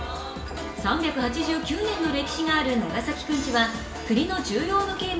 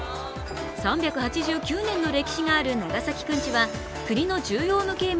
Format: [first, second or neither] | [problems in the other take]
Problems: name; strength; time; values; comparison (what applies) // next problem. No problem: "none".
second | room echo; dies away in 0.8 s